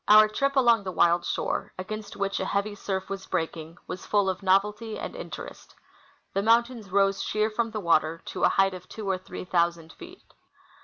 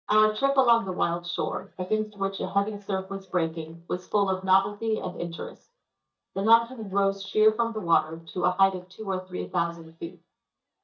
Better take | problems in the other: first | noise reduction (neural mask model DeepFilterNet 3)

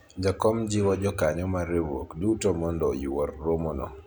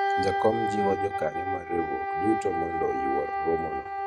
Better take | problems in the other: first | noise reduction (neural mask model RNNoise)

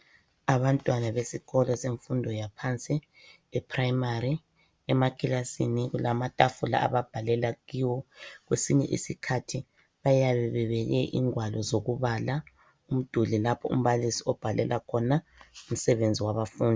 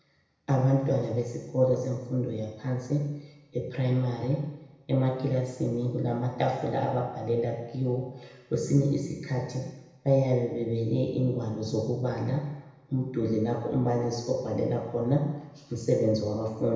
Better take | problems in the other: first | room echo; dies away in 1 s

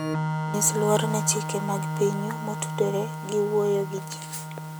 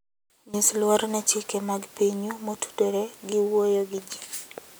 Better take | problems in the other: second | background sound (Organ); 3 dB below the speech

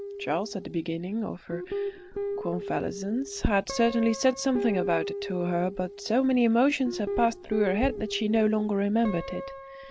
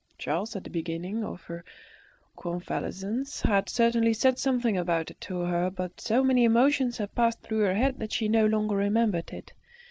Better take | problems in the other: second | background sound (Guitar); 9 dB below the speech

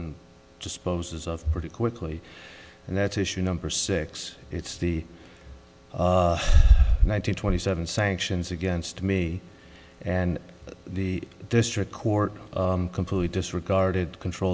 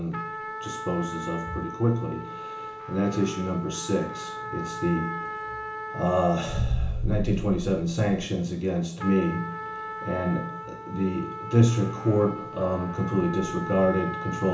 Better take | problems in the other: first | background sound (Trumpet); 10 dB below the speech // room echo; dies away in 0.8 s

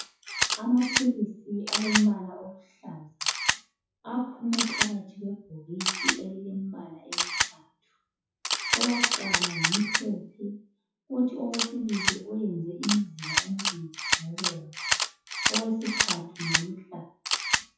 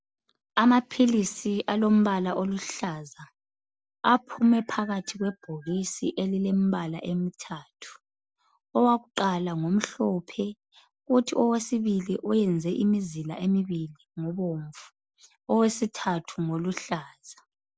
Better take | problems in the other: second | noise reduction (classical method WPE with log-MMSE)

